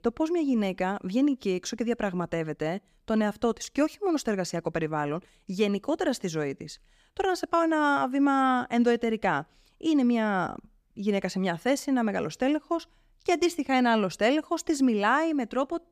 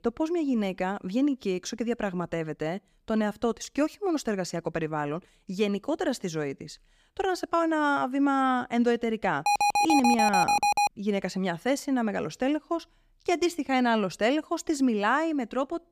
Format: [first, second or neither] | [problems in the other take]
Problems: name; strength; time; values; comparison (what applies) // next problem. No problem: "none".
first | alarm; loud; from 9.5 to 11 s; peak 5 dB above the speech